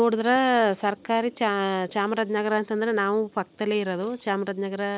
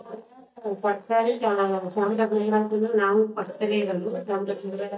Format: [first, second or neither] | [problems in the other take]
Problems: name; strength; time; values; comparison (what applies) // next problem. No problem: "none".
first | noise reduction (neural mask model DeepFilterNet 3)